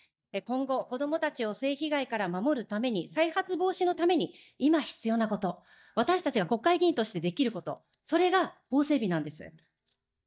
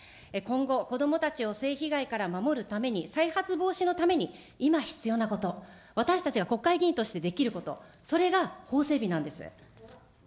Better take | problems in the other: second | noise reduction (neural mask model DeepFilterNet 3)

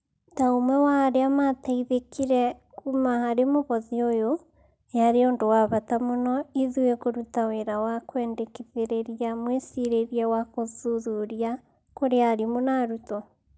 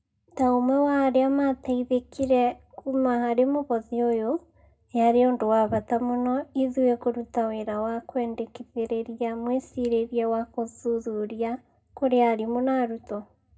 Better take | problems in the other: first | room echo; dies away in 0.2 s

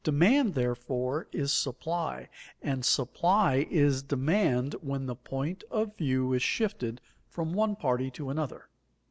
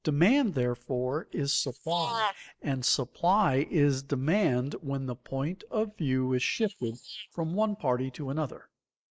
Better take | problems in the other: first | noise reduction (neural mask model Resemble Enhance denoiser)

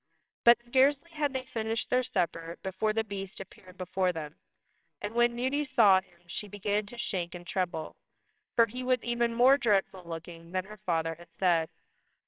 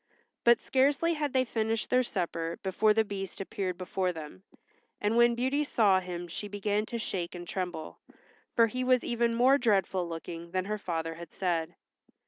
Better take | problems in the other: second | noise reduction (neural separator model SepFormer WHAMR!)

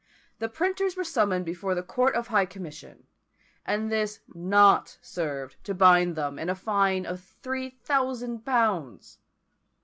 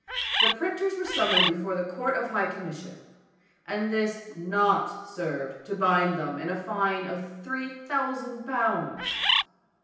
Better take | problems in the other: first | background sound (Bird); 4 dB above the speech // room echo; dies away in 0.9 s

